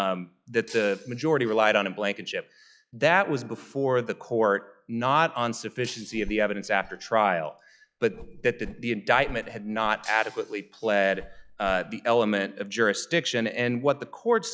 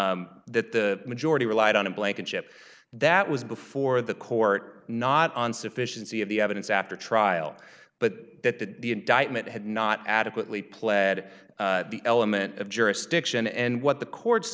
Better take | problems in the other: second | noise reduction (classical method log-MMSE)

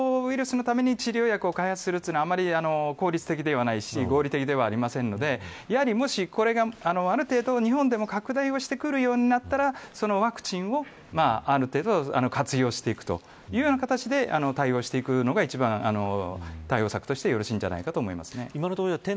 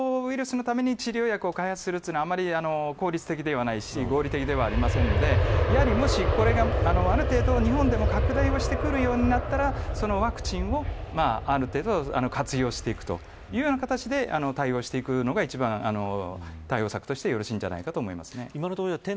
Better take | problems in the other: first | background sound (Aircraft); 2 dB below the speech

